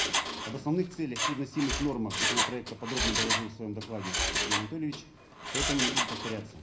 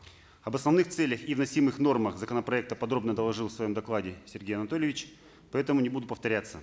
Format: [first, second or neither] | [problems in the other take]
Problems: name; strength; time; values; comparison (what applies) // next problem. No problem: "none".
second | background sound (Mechanisms); 2 dB above the speech // room echo; dies away in 0.4 s